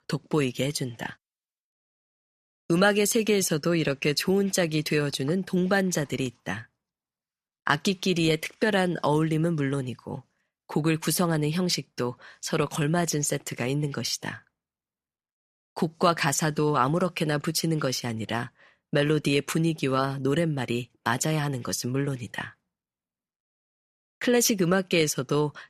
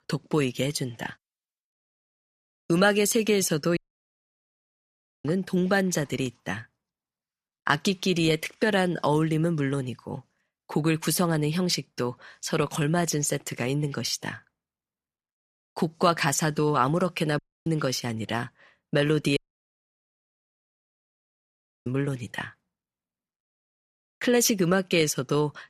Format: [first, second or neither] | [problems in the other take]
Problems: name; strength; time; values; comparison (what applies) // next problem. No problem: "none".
first | audio cutting out; at 4 s for 1.5 s, at 17 s and at 19 s for 2.5 s